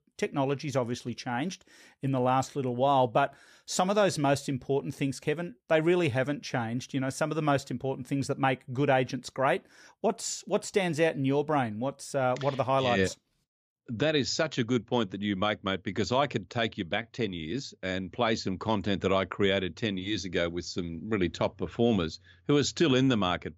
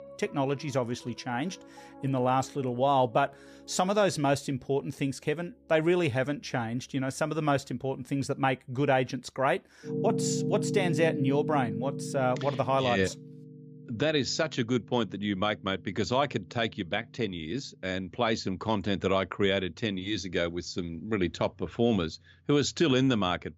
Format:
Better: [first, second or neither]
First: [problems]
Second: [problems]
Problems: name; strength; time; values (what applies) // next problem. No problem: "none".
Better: first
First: none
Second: background music; loud; throughout; 8 dB below the speech